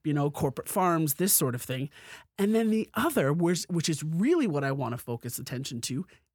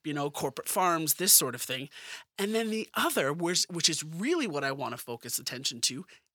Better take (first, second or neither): first